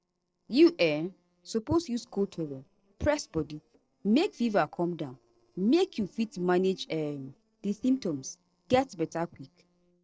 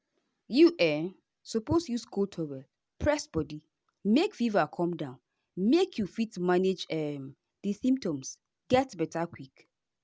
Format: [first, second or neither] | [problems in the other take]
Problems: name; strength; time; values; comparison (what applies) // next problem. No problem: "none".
second | noise reduction (neural separator model SepFormer DNS4)